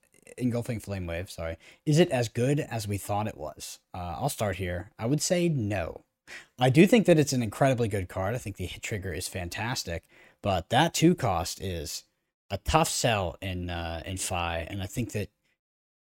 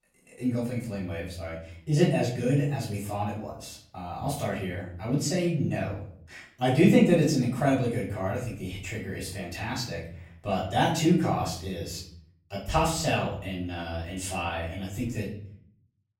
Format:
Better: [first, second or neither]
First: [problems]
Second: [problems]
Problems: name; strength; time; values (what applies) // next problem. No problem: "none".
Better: first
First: none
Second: off-mic speech; far // room echo; noticeable; dies away in 0.6 s